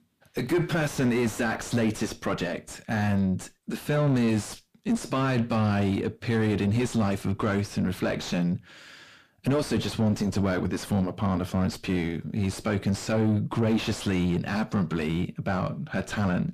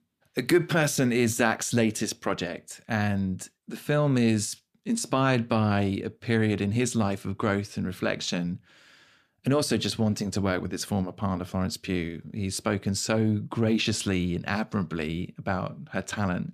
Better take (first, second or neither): second